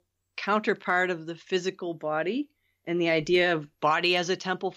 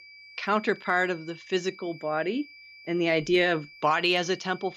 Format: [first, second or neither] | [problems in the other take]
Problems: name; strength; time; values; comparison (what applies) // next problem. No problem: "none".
first | high-pitched whine; faint; throughout; 2.5 kHz, 20 dB below the speech